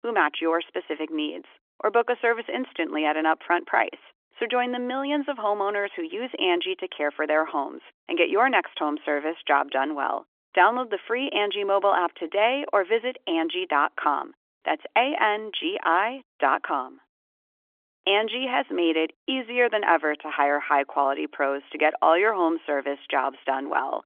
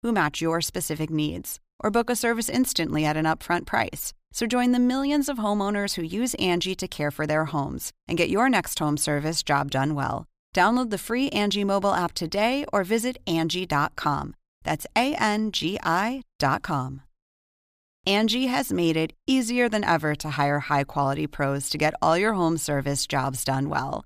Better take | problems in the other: second | phone-call audio; nothing above 3.5 kHz

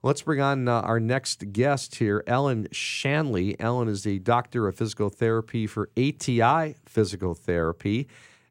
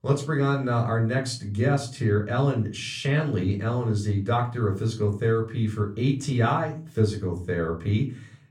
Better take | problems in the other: first | off-mic speech; somewhat distant // room echo; very slight; dies away in 0.4 s

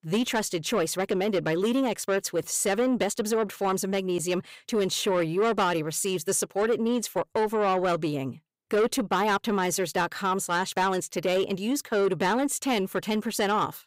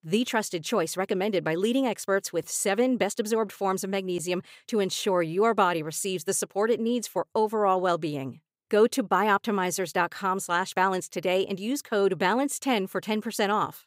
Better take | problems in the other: second | distortion; slight; 10 dB below the speech

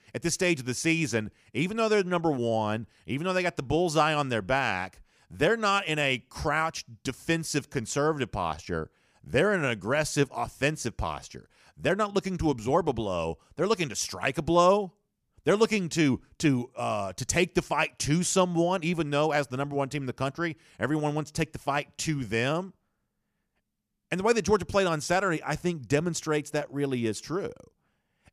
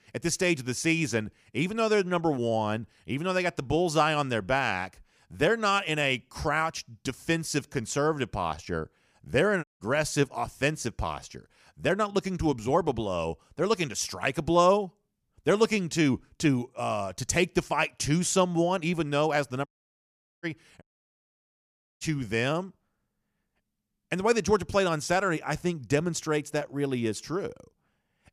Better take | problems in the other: first | audio cutting out; at 9.5 s, at 20 s for 1 s and at 21 s for 1 s

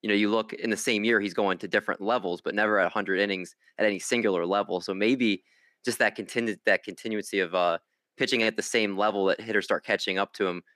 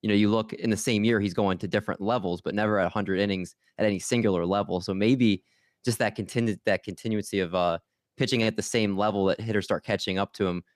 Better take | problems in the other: second | thin; very slightly; fading below 300 Hz

